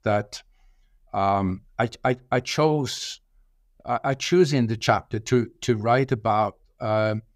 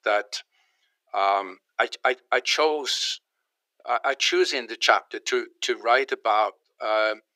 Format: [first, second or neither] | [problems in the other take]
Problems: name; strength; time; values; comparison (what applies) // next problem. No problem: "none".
first | thin; very; fading below 350 Hz